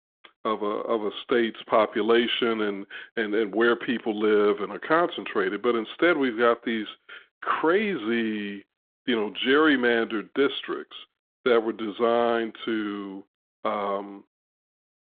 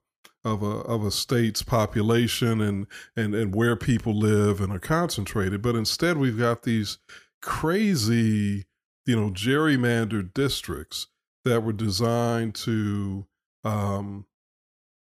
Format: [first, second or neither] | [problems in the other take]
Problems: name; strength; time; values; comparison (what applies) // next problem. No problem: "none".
second | phone-call audio